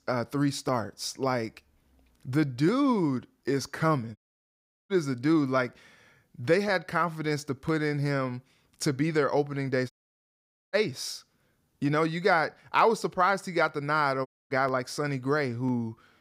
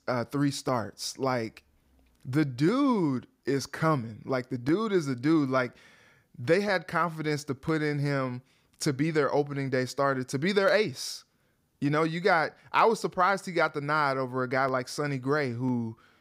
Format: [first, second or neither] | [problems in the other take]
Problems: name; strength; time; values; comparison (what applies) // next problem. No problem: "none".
second | audio cutting out; at 4 s for 0.5 s, at 10 s for 1 s and at 14 s